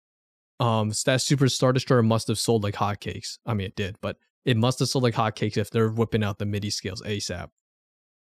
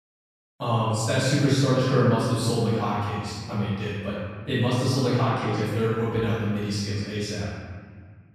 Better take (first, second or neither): first